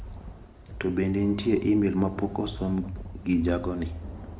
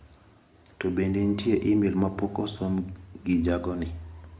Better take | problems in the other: second | background sound (Thunder); 14 dB below the speech

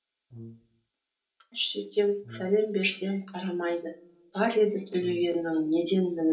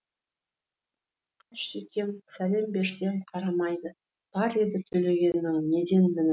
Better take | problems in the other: second | background sound (Brass instrument); 19 dB below the speech // room echo; dies away in 0.3 s

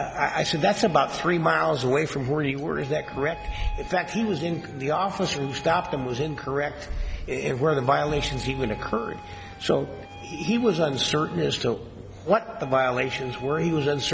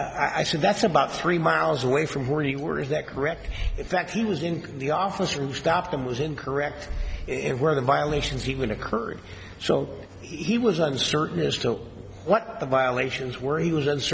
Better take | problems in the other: second | background sound (Wind instrument, woodwind instrument); 18 dB below the speech

